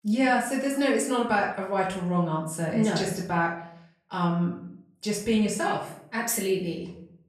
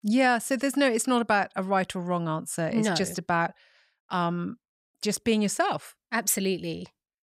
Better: second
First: off-mic speech; far // room echo; noticeable; dies away in 0.5 s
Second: none

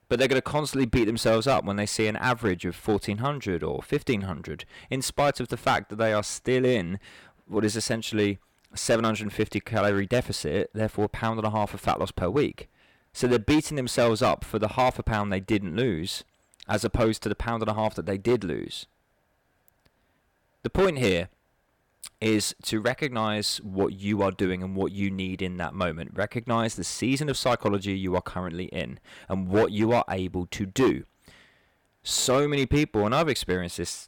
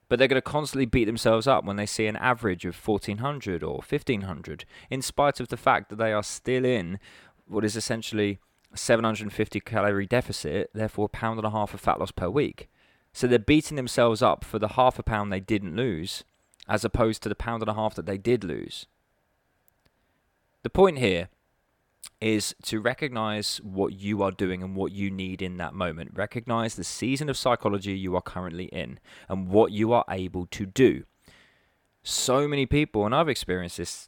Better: second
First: distortion; slight; 4% of the sound clipped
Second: none

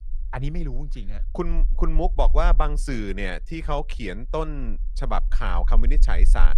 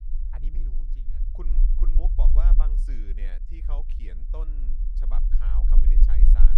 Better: first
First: low rumble; faint; throughout; 25 dB below the speech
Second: low rumble; loud; throughout; 3 dB below the speech

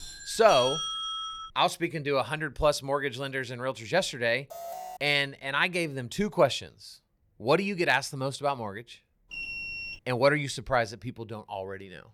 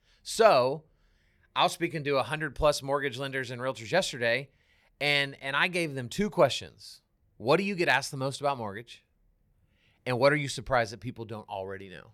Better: second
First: doorbell; noticeable; until 1.5 s; peak 1 dB below the speech // alarm; faint; at 4.5 s; peak 10 dB below the speech // alarm; noticeable; at 9.5 s; peak 6 dB below the speech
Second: none

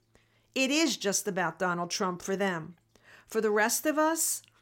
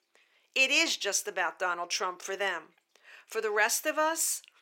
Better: first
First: none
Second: thin; very; fading below 400 Hz

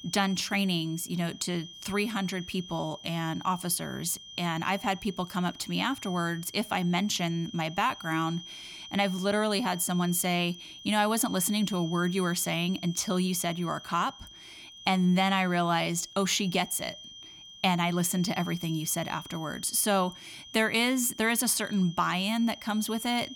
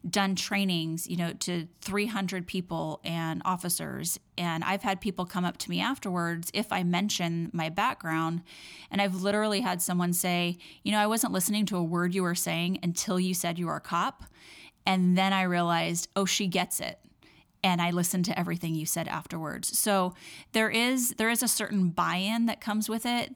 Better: second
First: high-pitched whine; noticeable; throughout; 3 kHz, 15 dB below the speech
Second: none

